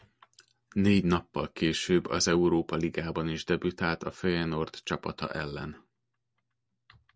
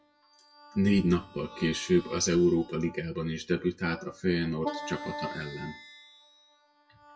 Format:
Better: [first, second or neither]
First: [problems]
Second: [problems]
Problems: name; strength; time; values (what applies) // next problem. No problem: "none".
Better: first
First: none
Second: noise reduction (classical method WPE with log-MMSE)